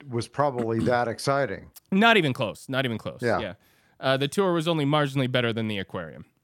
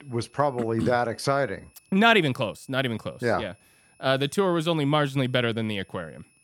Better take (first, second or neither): first